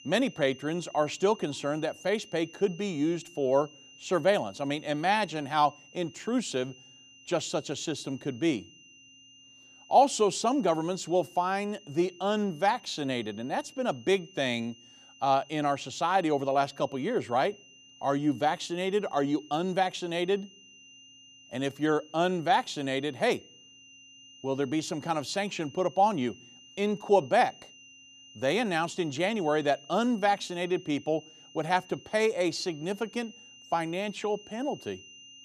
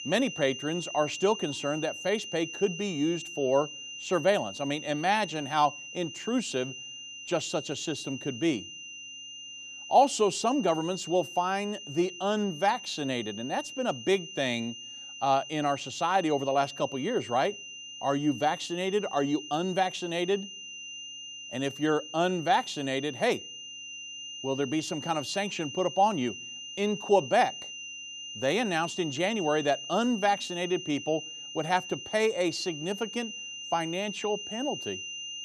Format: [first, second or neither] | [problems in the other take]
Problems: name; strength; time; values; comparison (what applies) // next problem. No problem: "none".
first | high-pitched whine; loud; throughout; 3 kHz, 10 dB below the speech; faint in the first